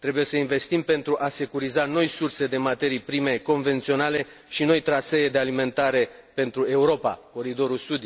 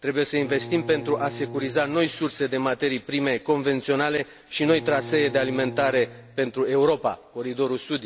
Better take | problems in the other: first | background sound (Bowed string instrument); 15 dB below the speech

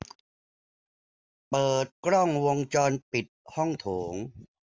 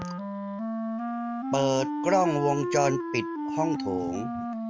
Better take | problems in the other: first | background sound (Wind instrument, woodwind instrument); 2 dB below the speech

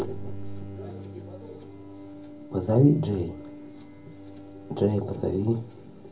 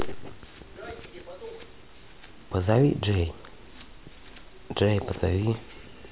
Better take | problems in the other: second | background sound (Bowed string instrument); 15 dB below the speech // room echo; dies away in 0.4 s

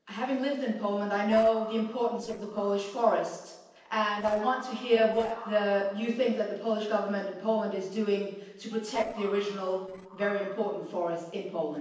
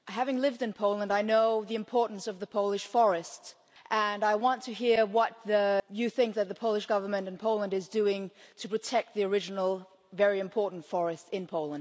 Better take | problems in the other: second | noise reduction (neural separator model SepFormer DNS4)

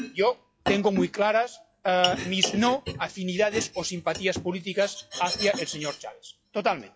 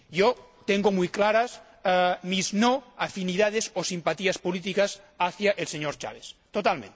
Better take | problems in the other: second | noise reduction (classical method log-MMSE)

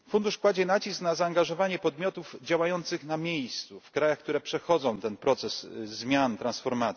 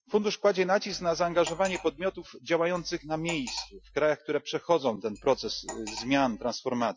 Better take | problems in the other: first | noise reduction (classical method Wiener filter)

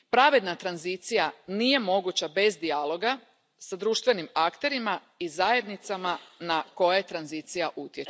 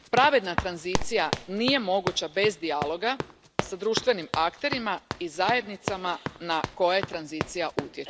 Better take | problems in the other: first | background sound (Run); 7 dB below the speech

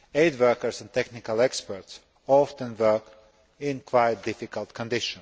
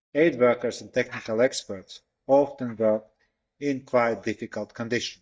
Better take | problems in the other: first | noise reduction (neural mask model DeepFilterNet 3)

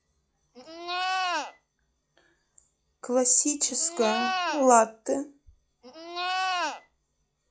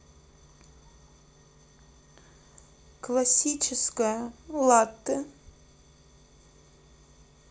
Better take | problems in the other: second | noise reduction (classical method log-MMSE)

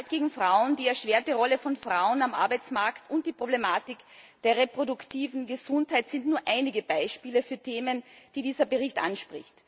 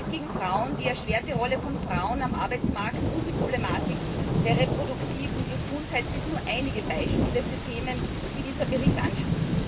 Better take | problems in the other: first | background sound (Thunder); 3 dB above the speech // room echo; dies away in 0.2 s

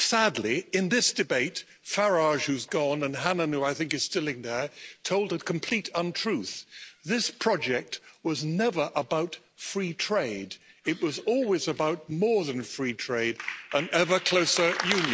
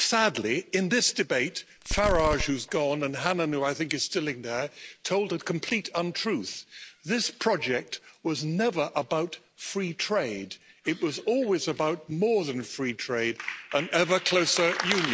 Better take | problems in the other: first | background sound (Fireworks); 4 dB below the speech

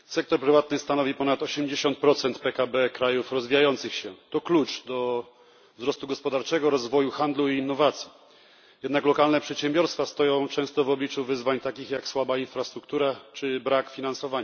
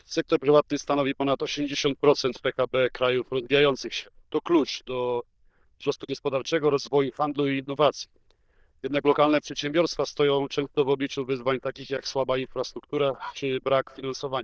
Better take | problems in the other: first | noise reduction (neural diffusion model UNIVERSE++)

